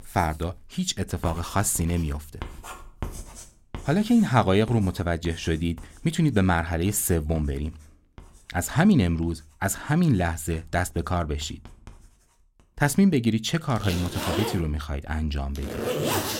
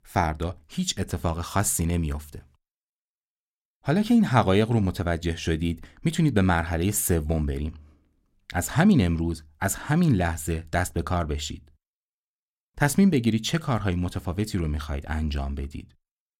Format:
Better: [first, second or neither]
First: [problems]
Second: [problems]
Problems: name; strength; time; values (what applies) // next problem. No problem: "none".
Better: second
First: household noises; loud; throughout; 10 dB below the speech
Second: none